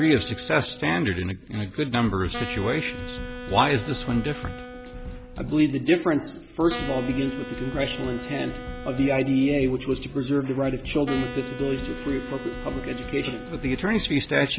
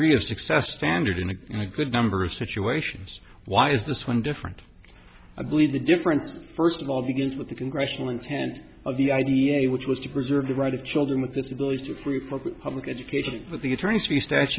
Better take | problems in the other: second | background sound (Wind instrument, woodwind instrument + Drum kit); 11 dB below the speech

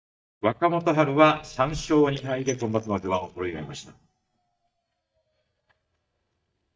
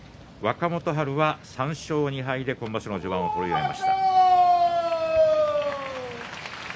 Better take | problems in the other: second | noise reduction (neural mask model DeepFilterNet 3)

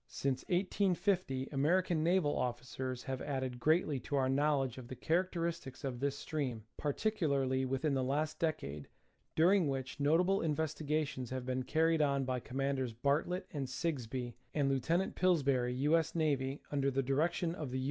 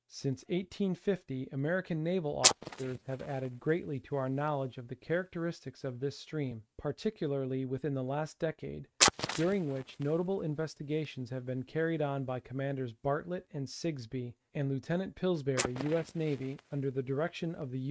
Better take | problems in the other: first | noise reduction (neural mask model RNNoise)

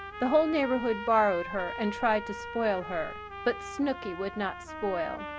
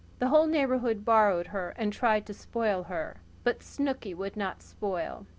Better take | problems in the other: second | background sound (Trumpet); 10 dB below the speech

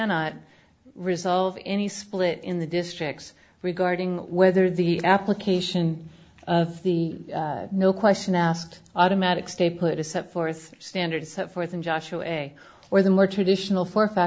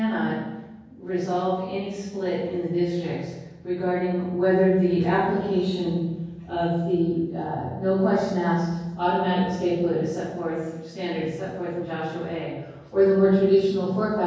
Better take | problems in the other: first | room echo; dies away in 1.3 s

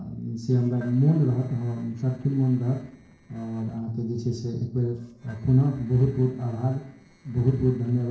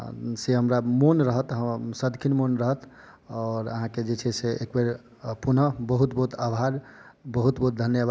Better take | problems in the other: second | noise reduction (neural separator model SepFormer DNS4)

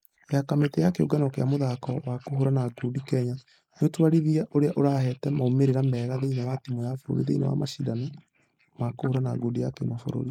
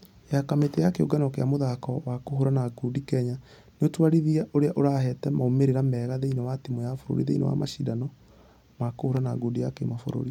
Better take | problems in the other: second | noise reduction (neural mask model Resemble Enhance denoiser)

